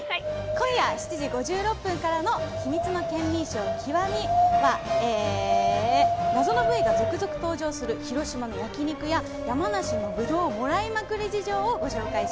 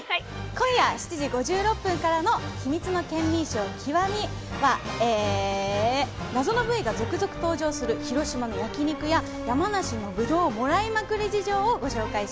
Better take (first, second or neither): second